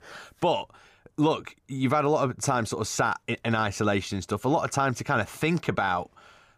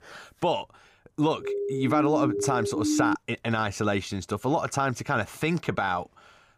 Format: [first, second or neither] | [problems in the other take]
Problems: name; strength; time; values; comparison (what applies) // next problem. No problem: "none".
first | siren; loud; from 1.5 to 3 s; peak 2 dB above the speech